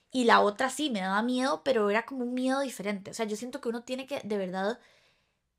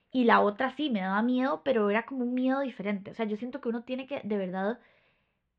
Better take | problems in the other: first | muffled; very; fading above 3 kHz

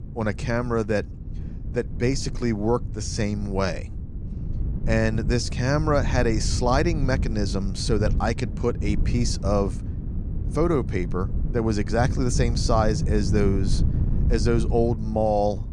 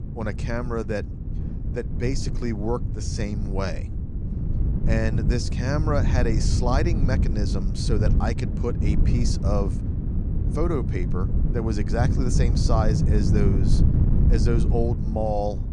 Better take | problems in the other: first | wind noise on the microphone; heavy; 6 dB below the speech; occasional gusts in the first

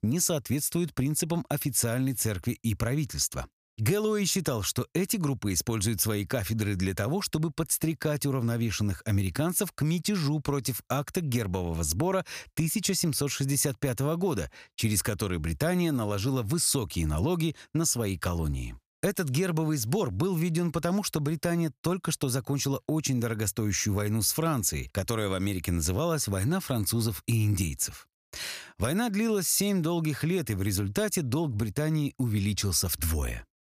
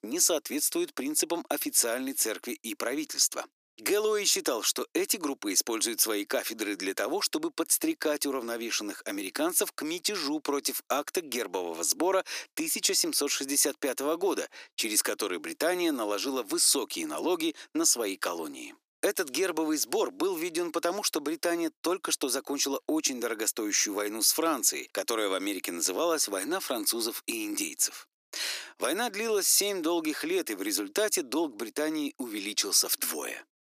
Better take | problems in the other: first | thin; somewhat; fading below 300 Hz

